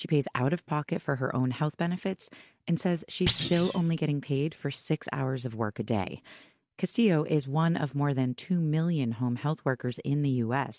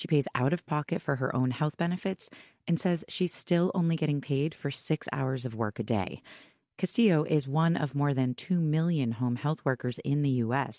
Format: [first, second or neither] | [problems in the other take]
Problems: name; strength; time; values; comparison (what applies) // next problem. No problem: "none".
second | background sound (Thump, thud); 7 dB below the speech